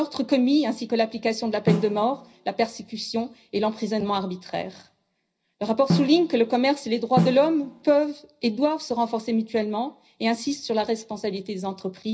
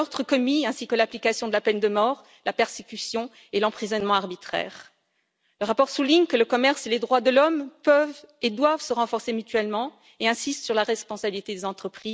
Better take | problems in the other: second | background sound (Snare drum); 3 dB below the speech // room echo; dies away in 0.4 s

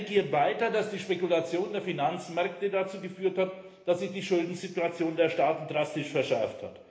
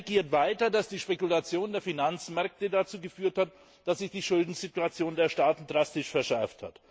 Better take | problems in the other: second | room echo; dies away in 1.1 s

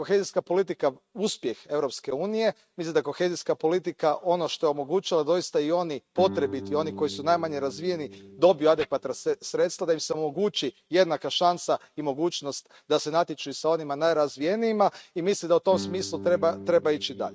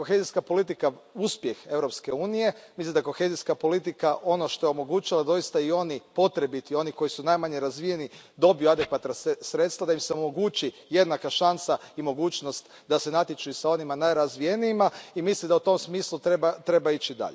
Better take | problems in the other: second | noise reduction (neural mask model RNNoise)

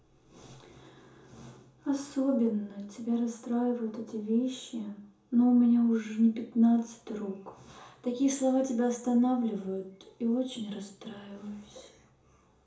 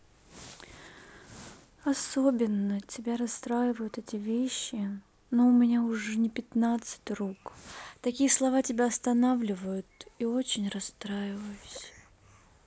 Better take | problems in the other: second | room echo; dies away in 0.7 s

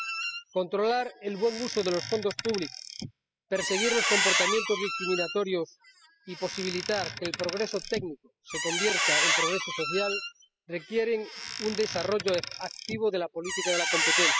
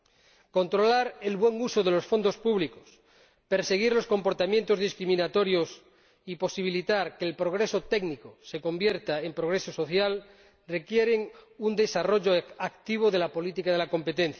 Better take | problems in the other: second | noise reduction (classical method spectral subtraction)

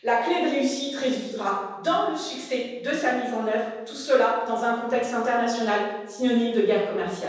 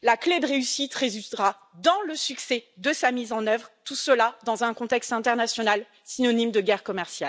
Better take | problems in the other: second | room echo; dies away in 1.1 s

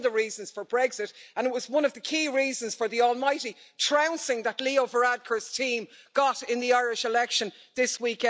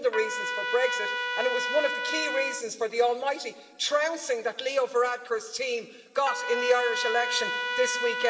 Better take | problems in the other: first | background sound (Trumpet); 5 dB below the speech // room echo; dies away in 2.7 s

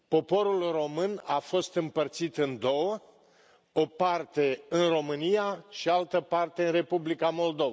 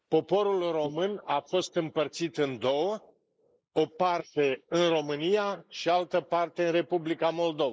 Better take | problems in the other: first | noise reduction (neural mask model Resemble Enhance denoiser)

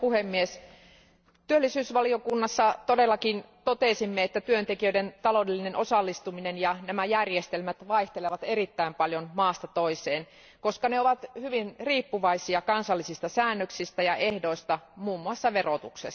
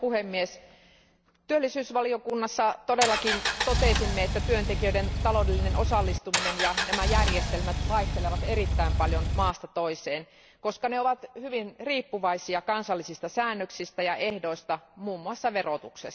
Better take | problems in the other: first | background sound (Engine); 3 dB above the speech

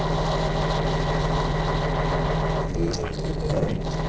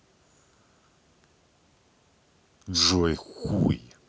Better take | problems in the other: second | noise reduction (neural separator model SepFormer DNS4)

